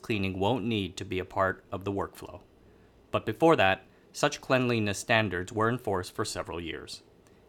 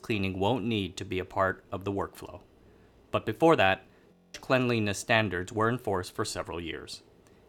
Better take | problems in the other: first | audio freezing; at 4 s

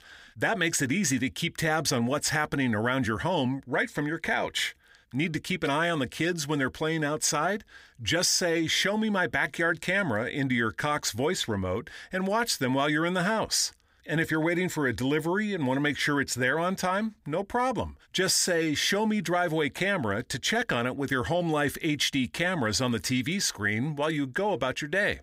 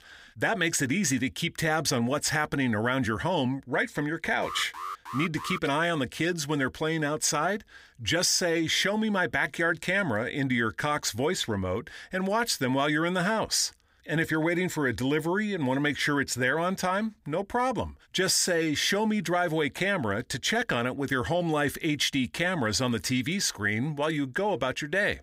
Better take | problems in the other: first | alarm; noticeable; from 4.5 to 5.5 s; peak 9 dB below the speech

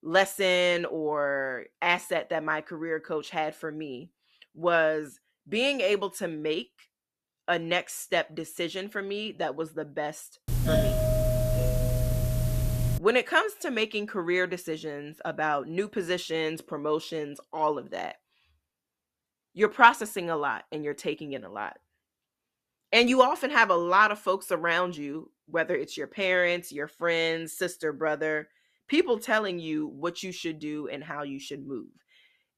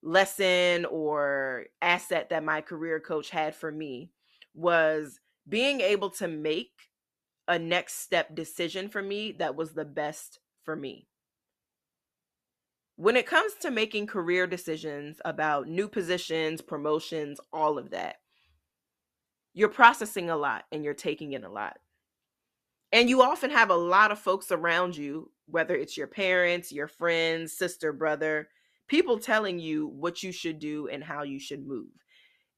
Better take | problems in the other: second | doorbell; loud; from 10 to 13 s; peak 2 dB above the speech

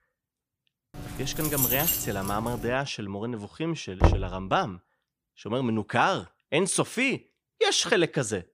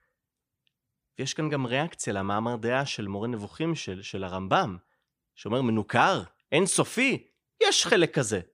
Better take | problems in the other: second | jangling keys; loud; from 1 to 2.5 s; peak 5 dB above the speech // door banging; loud; at 4 s; peak 3 dB above the speech

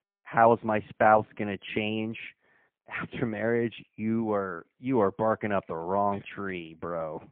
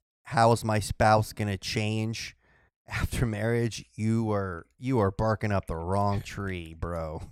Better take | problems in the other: second | phone-call audio; poor line

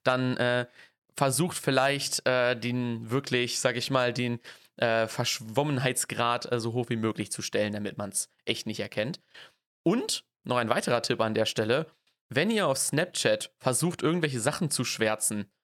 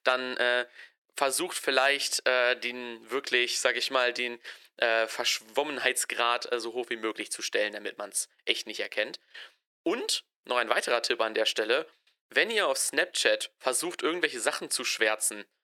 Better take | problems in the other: first | thin; very; fading below 350 Hz

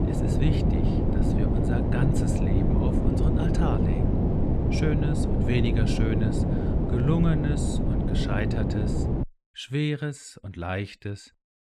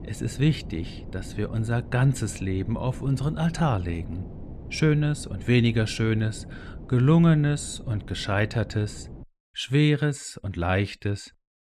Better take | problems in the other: second | wind noise on the microphone; heavy; until 9 s; 2 dB above the speech; occasional gusts in the second

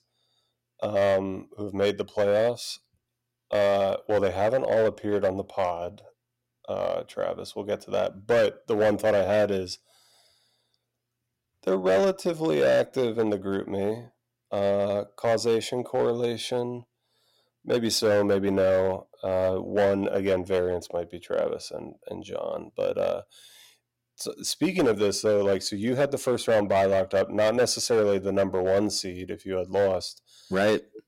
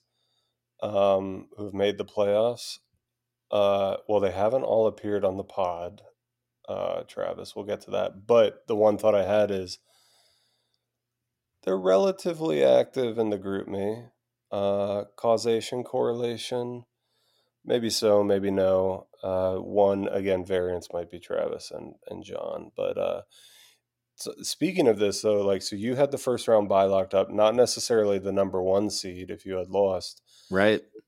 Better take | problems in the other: second | distortion; slight; 6% of the sound clipped

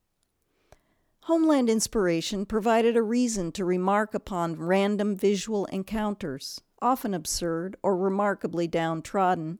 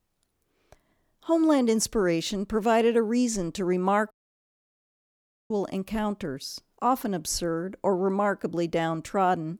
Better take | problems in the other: first | audio cutting out; at 4 s for 1.5 s

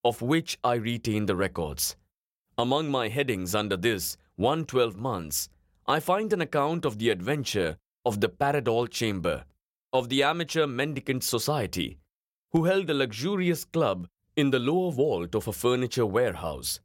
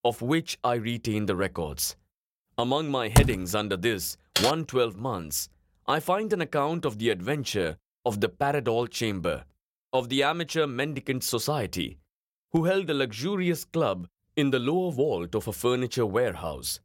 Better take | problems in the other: first | door banging; loud; at 3 s; peak 5 dB above the speech // keyboard typing; loud; at 4.5 s; peak 2 dB above the speech

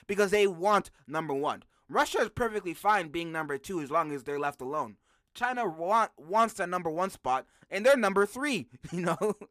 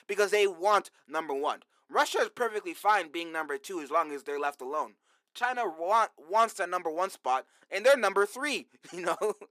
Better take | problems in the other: first | thin; somewhat; fading below 350 Hz

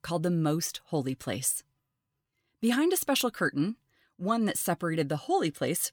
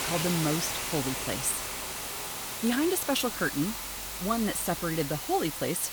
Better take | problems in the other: first | hiss; loud; throughout; 3 dB below the speech

